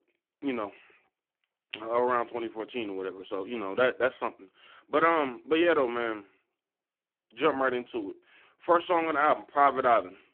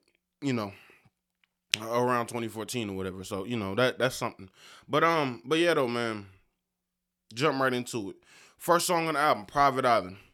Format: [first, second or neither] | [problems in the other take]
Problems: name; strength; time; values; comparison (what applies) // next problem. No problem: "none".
second | phone-call audio; poor line